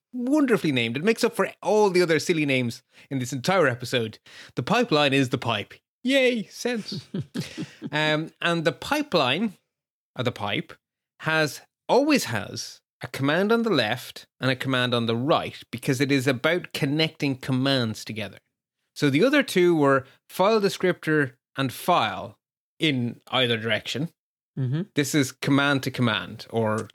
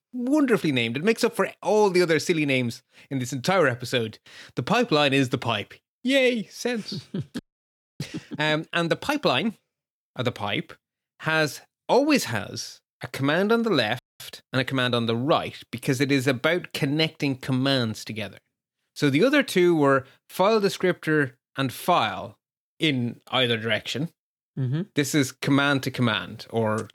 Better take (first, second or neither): first